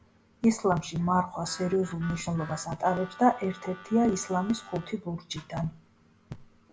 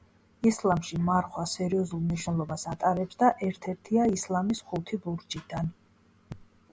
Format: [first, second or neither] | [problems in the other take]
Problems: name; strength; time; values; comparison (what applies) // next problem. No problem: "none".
second | background sound (Harmonica); 18 dB below the speech // room echo; dies away in 0.3 s